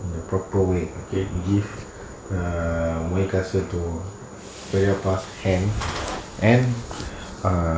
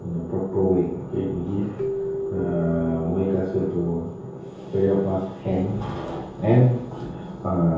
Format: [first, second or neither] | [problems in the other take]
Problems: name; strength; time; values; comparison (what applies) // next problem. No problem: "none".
first | background sound (Keyboard (musical)); 12 dB below the speech // room echo; dies away in 0.7 s